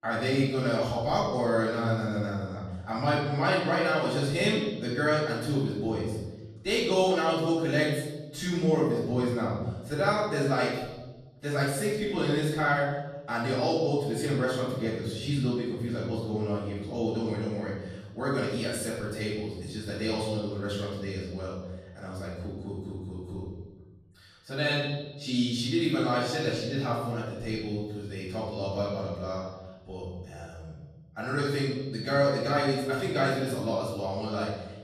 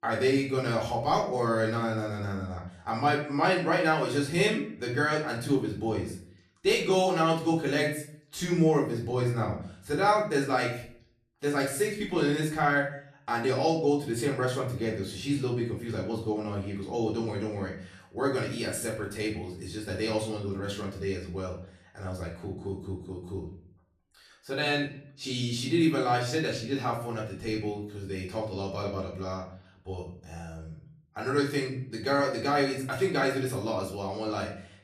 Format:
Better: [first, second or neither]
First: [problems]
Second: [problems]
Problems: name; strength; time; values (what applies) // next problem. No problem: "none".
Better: second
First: room echo; strong; dies away in 1.1 s // off-mic speech; far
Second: room echo; slight; dies away in 0.5 s // off-mic speech; far